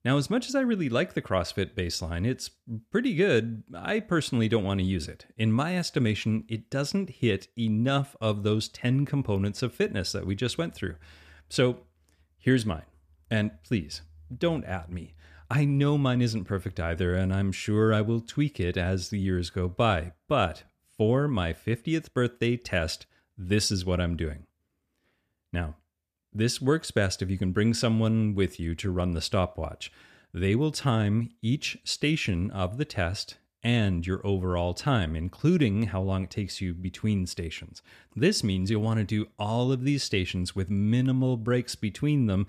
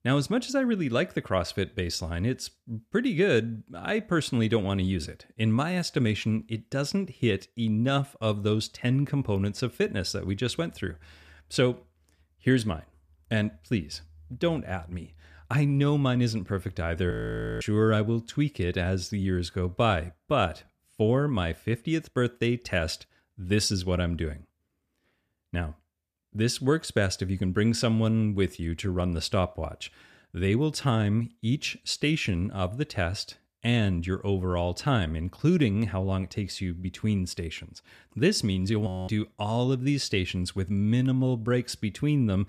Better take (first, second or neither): first